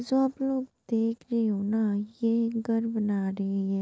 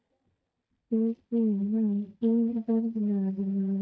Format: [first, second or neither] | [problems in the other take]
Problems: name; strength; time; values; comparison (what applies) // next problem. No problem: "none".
first | noise reduction (neural mask model DeepFilterNet 3)